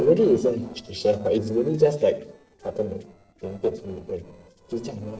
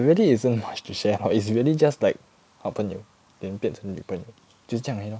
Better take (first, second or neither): second